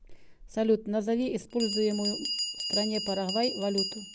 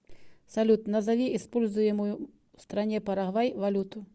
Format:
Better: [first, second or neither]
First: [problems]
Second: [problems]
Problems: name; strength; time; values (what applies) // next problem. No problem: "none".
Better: second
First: background sound (Bell); 6 dB below the speech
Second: none